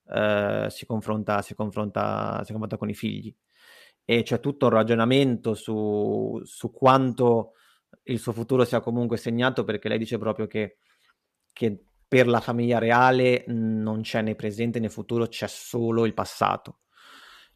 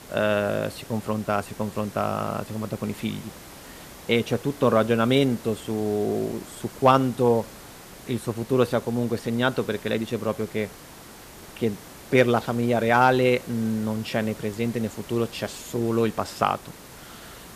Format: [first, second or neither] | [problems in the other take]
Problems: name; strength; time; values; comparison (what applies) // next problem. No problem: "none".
first | hiss; noticeable; throughout; 20 dB below the speech